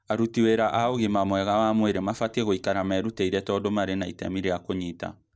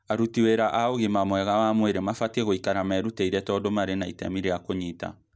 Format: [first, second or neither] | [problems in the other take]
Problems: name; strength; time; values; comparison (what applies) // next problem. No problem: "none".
second | noise reduction (neural separator model SepFormer DNS4)